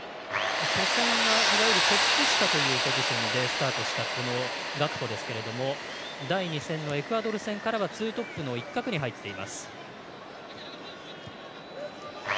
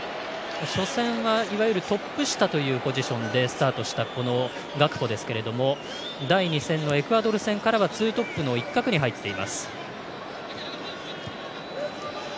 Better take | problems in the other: second | background sound (Tools); 2 dB above the speech

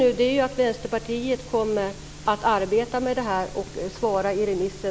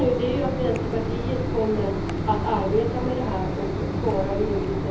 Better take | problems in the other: first | background sound (Mechanisms); as loud as the speech // room echo; dies away in 0.7 s

